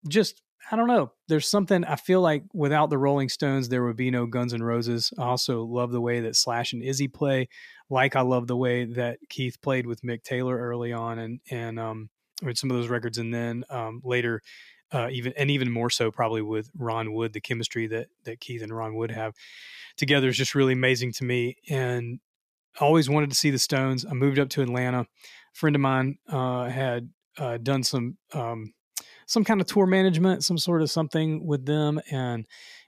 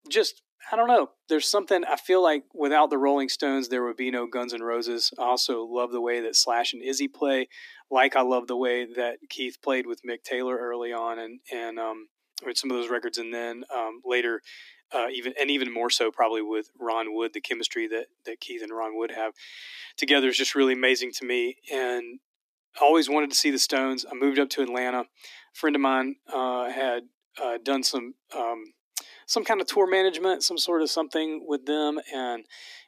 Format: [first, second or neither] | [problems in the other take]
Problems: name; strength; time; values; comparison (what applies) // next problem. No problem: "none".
first | thin; somewhat; fading below 250 Hz